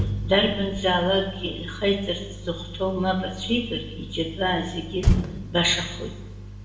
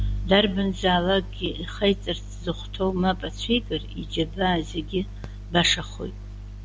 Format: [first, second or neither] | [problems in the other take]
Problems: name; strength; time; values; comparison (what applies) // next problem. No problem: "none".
second | background sound (Motor vehicle (road)); 6 dB below the speech // room echo; dies away in 0.9 s